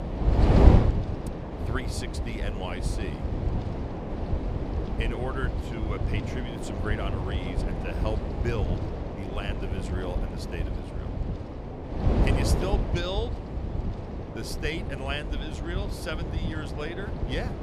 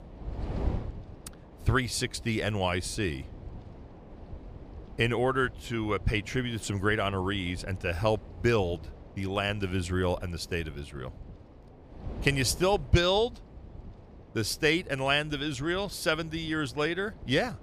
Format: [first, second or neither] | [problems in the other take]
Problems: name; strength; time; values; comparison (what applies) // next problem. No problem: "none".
second | wind noise on the microphone; heavy; as loud as the speech; occasional gusts in the second